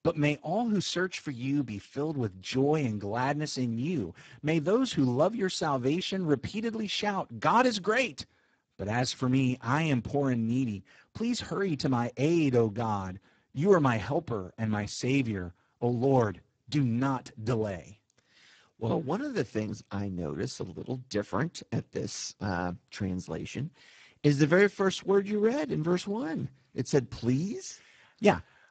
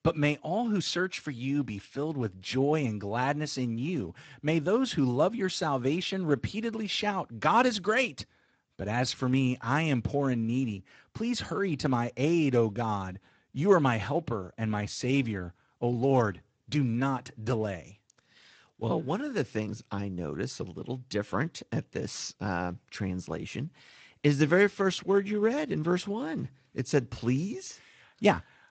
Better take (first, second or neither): second